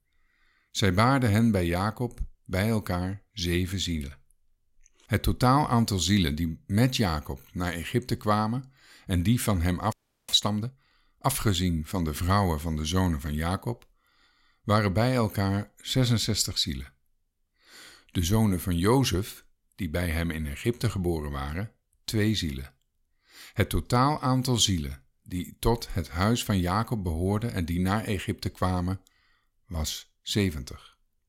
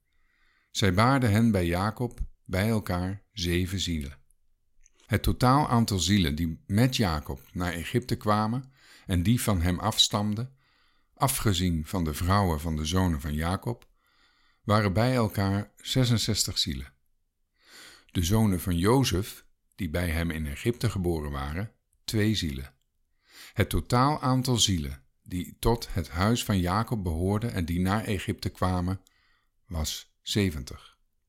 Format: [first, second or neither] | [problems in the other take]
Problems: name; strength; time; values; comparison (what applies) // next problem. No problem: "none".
second | audio freezing; at 10 s